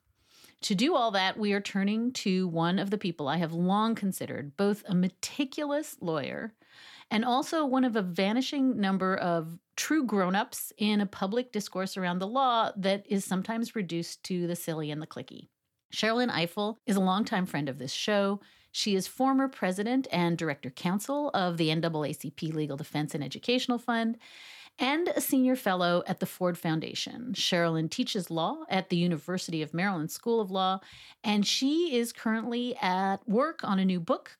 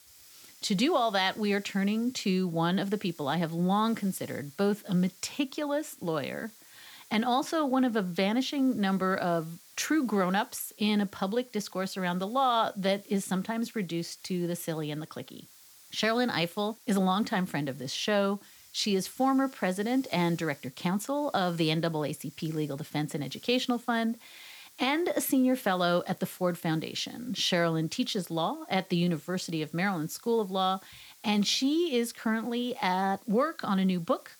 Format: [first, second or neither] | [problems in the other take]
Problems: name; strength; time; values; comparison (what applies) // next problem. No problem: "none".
first | hiss; faint; throughout; 25 dB below the speech